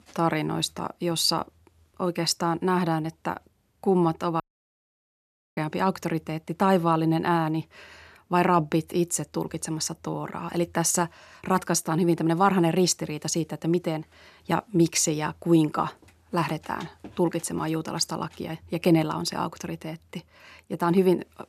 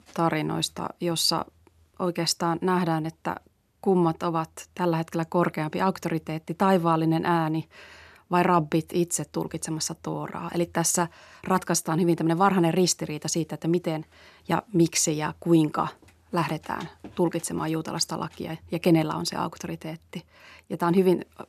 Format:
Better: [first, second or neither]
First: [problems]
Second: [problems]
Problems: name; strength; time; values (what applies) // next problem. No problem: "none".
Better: second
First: audio cutting out; at 4.5 s for 1 s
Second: none